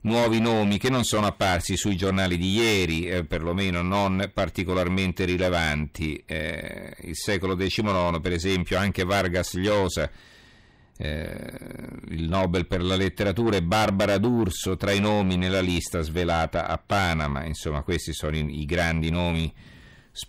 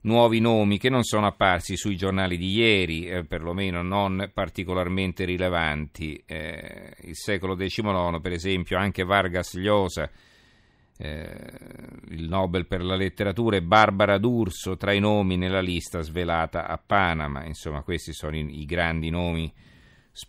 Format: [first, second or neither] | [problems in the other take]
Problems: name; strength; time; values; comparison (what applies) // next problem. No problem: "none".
second | distortion; heavy; 6 dB below the speech